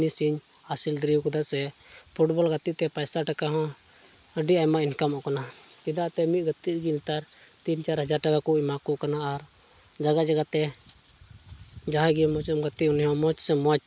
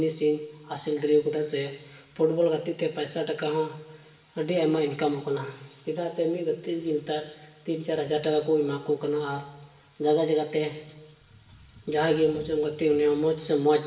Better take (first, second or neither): first